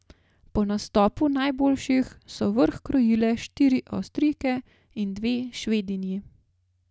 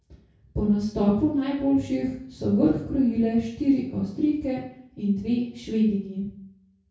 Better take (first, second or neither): first